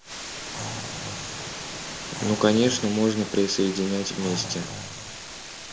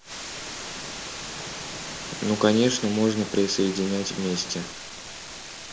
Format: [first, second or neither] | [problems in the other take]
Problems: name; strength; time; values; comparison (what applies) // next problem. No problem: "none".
second | background sound (Animal); 13 dB below the speech